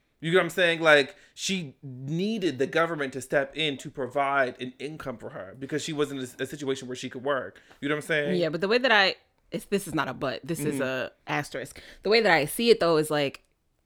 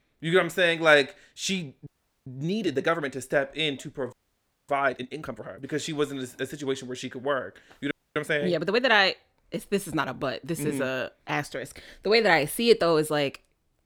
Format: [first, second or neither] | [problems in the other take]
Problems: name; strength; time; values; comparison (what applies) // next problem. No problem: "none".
first | audio freezing; at 2 s, at 4 s for 0.5 s and at 8 s